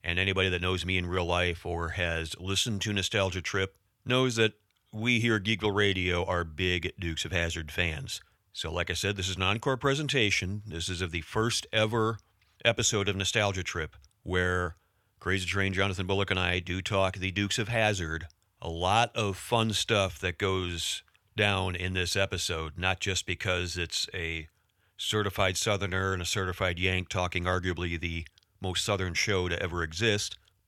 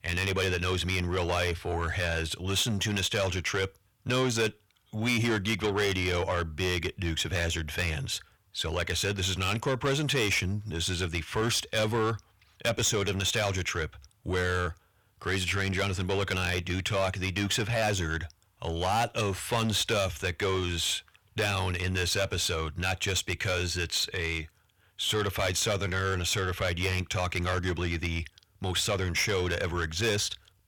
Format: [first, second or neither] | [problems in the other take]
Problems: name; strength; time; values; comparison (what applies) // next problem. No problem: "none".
first | distortion; heavy; 7 dB below the speech